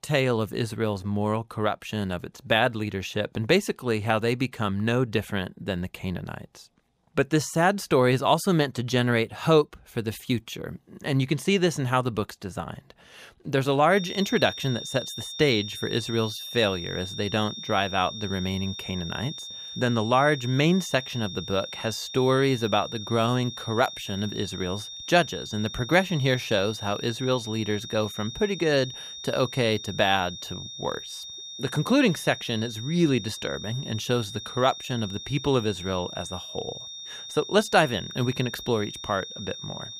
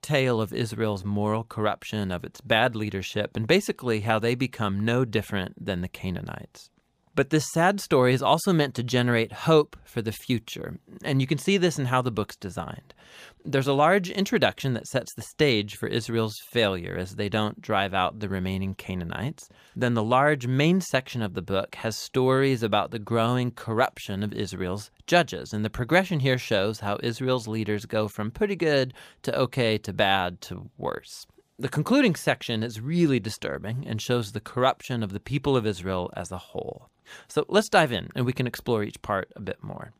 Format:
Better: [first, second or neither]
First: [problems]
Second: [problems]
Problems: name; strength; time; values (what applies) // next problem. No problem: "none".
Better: second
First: high-pitched whine; noticeable; from 14 s on; 3.5 kHz, 10 dB below the speech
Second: none